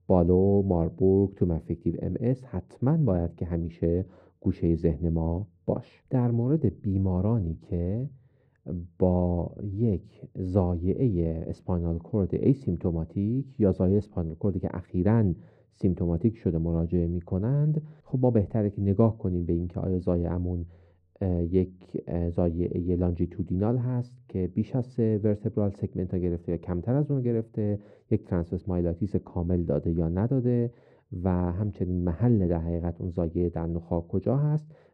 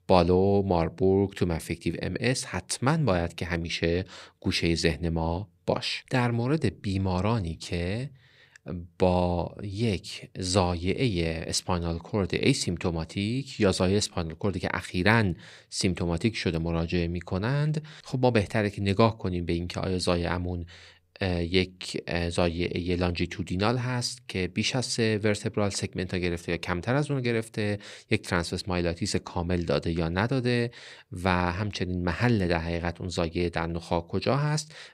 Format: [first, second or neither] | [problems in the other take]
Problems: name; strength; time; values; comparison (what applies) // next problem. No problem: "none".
second | muffled; very; fading above 1.5 kHz